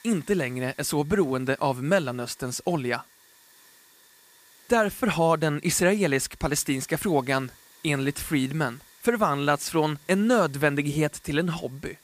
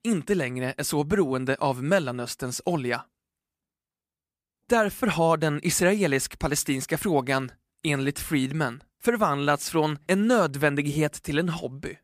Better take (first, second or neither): second